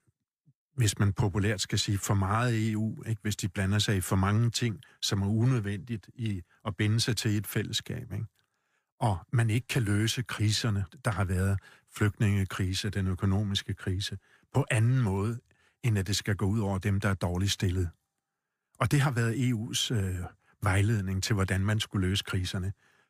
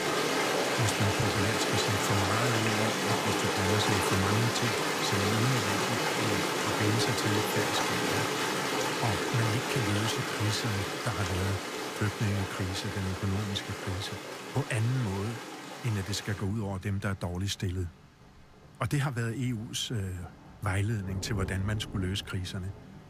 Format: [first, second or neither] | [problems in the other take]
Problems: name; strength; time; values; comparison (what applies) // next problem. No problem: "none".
first | rain or running water; very loud; throughout; 3 dB above the speech